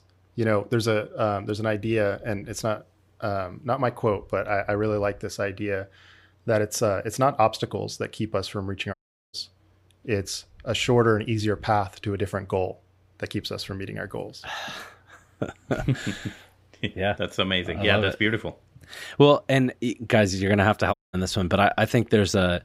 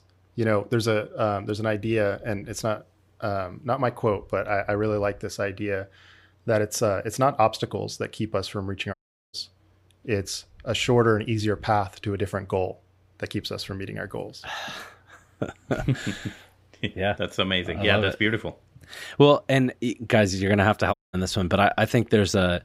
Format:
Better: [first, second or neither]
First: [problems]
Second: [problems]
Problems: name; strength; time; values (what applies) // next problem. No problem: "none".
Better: neither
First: audio cutting out; at 9 s and at 21 s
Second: audio cutting out; at 9 s and at 21 s